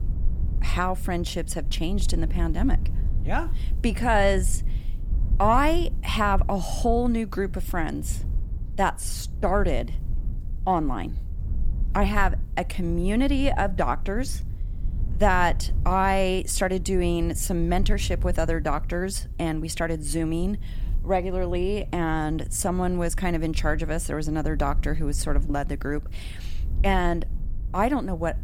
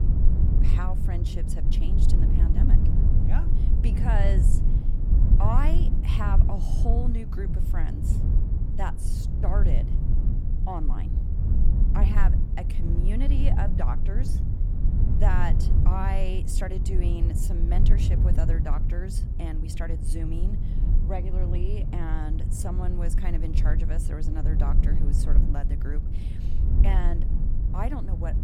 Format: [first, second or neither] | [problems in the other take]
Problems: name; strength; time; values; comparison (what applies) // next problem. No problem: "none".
first | low rumble; loud; throughout; 4 dB below the speech; faint in the first